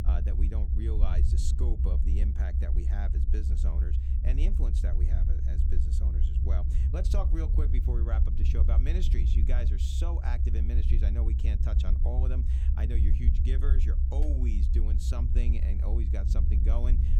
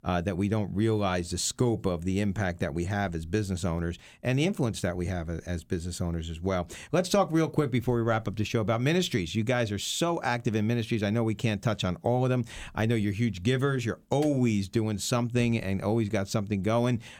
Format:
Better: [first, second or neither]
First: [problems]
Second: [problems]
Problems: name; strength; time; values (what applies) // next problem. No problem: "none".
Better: second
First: low rumble; loud; throughout; 2 dB below the speech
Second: none